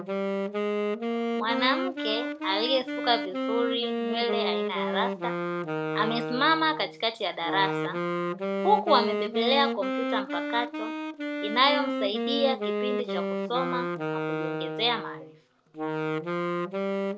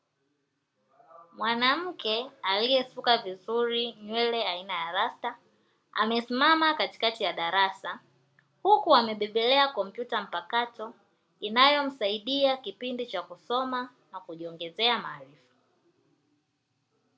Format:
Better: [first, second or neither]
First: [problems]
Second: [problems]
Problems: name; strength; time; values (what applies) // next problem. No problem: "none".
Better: second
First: background sound (Wind instrument, woodwind instrument); 1 dB below the speech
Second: none